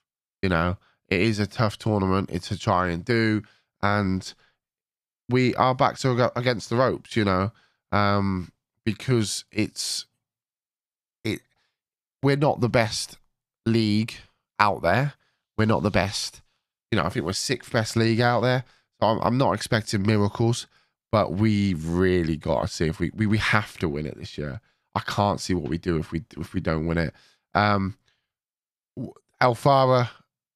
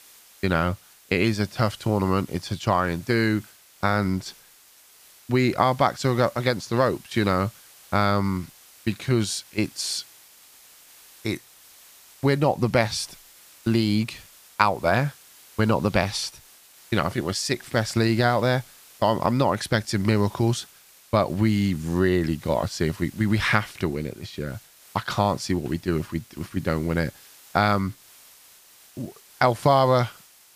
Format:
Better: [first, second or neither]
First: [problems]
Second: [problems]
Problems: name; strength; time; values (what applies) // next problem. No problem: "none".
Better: first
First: none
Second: hiss; faint; throughout; 25 dB below the speech